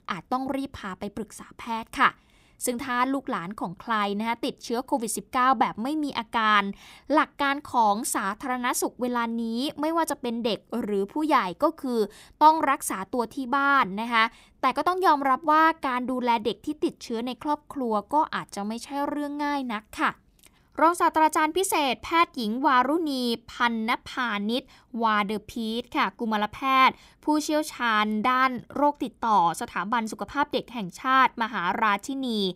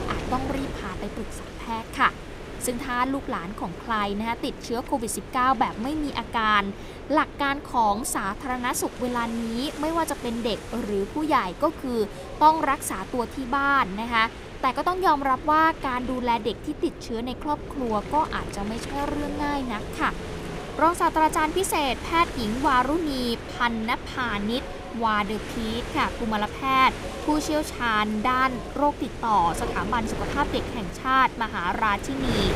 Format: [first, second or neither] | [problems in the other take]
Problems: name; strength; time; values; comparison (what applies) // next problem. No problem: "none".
first | wind noise on the microphone; occasional gusts; 15 dB below the speech